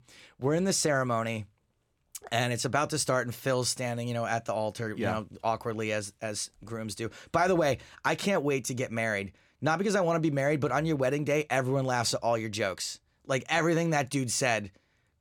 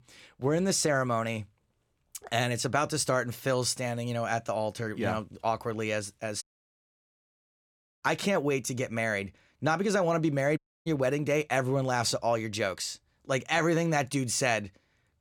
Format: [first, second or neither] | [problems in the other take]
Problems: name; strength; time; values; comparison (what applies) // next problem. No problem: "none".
first | audio cutting out; at 6.5 s for 1.5 s and at 11 s